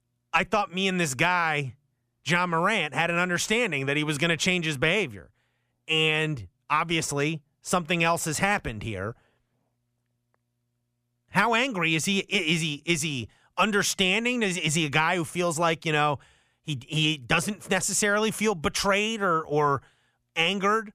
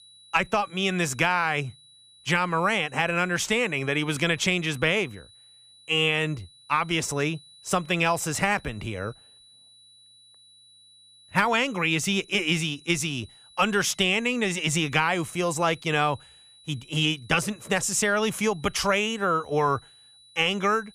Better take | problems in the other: first | high-pitched whine; faint; throughout; 4 kHz, 25 dB below the speech

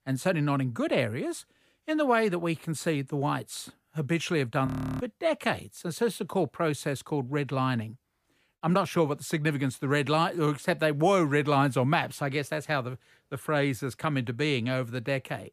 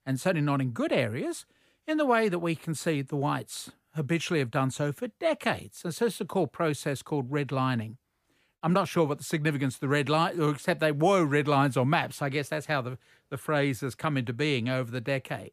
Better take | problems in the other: second | audio freezing; at 4.5 s

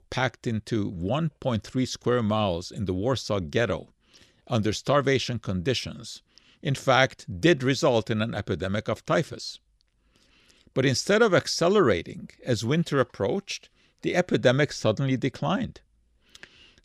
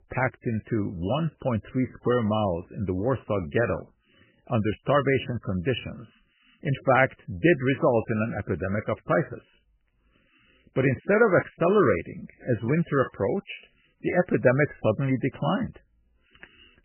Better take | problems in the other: first | garbled, watery; badly; nothing above 3 kHz

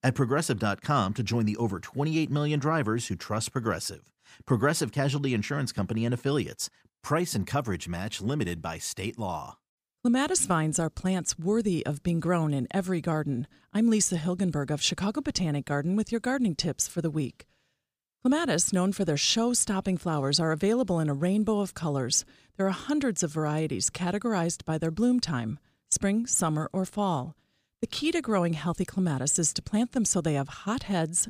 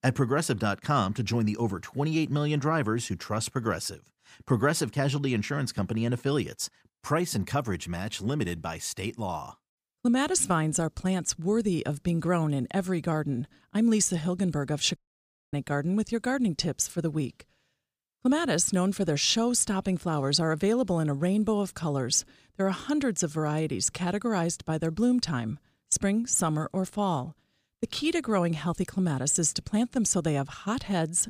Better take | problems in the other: first | audio cutting out; at 15 s for 0.5 s

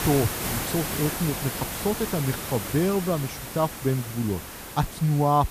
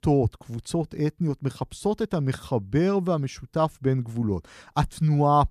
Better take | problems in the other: second | hiss; loud; throughout; 5 dB below the speech

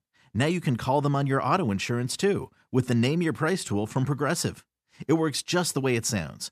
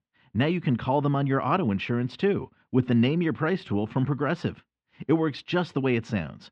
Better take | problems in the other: first | muffled; very; fading above 3 kHz

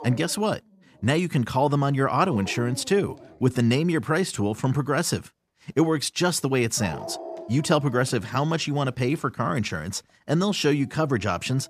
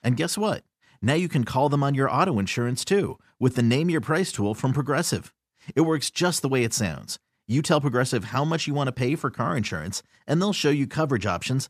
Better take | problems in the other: second | animal sounds; noticeable; throughout; 20 dB below the speech

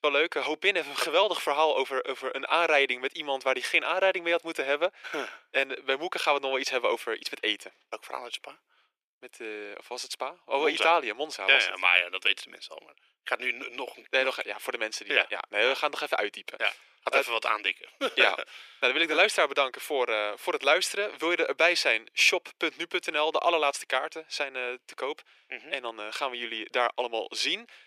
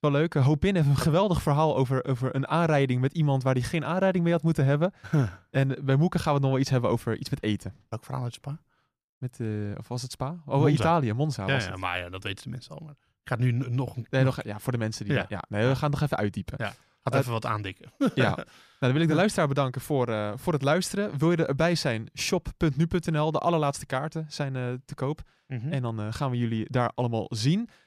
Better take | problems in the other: second | thin; very; fading below 400 Hz

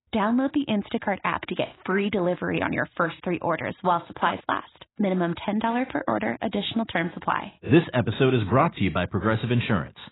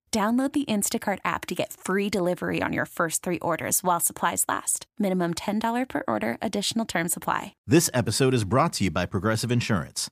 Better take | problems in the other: second | garbled, watery; badly; nothing above 4 kHz

